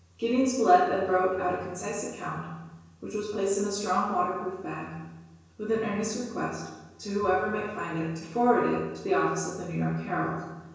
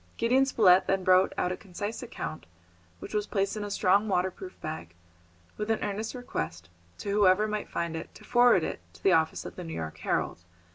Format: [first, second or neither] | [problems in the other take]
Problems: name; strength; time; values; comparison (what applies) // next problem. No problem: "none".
second | room echo; dies away in 1 s